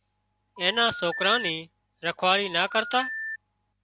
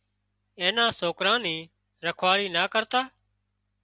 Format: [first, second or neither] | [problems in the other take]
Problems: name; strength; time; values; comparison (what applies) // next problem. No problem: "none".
second | background sound (Telephone); 11 dB below the speech